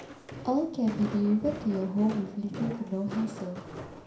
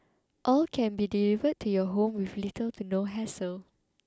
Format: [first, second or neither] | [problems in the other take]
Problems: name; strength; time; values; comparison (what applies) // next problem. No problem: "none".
second | background sound (Walk, footsteps); 11 dB below the speech // room echo; dies away in 0.5 s